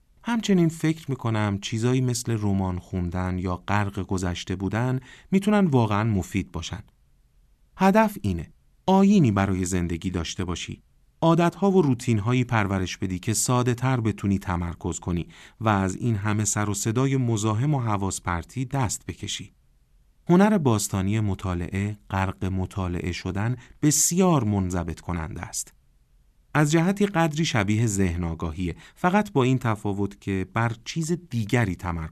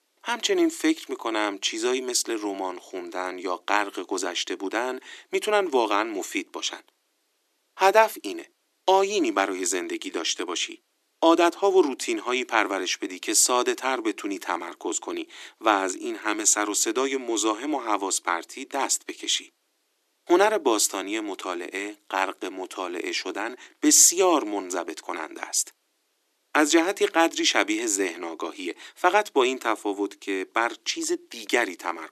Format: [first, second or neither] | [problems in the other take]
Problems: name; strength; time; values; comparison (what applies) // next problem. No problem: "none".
first | thin; very; fading below 300 Hz